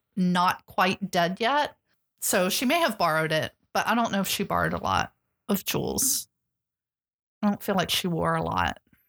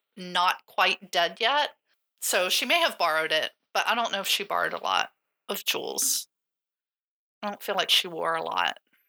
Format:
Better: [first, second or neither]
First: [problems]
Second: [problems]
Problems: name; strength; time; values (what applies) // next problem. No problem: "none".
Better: first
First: none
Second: thin; somewhat; fading below 450 Hz